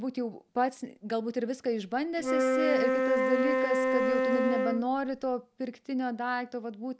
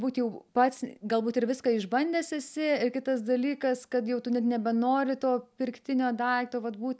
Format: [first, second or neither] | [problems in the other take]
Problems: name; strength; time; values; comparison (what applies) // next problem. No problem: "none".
second | background sound (Wind instrument, woodwind instrument); 4 dB above the speech